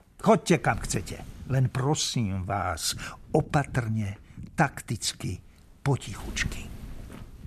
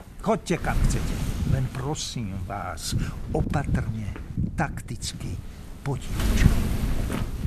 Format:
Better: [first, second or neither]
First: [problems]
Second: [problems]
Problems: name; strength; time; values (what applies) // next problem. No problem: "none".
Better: first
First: wind noise on the microphone; occasional gusts; 25 dB below the speech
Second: wind noise on the microphone; heavy; 5 dB below the speech